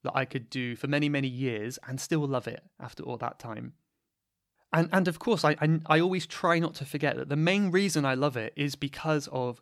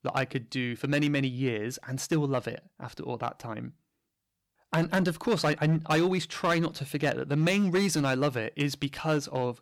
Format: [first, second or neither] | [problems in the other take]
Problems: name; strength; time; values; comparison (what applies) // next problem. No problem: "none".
first | distortion; slight; 5% of the sound clipped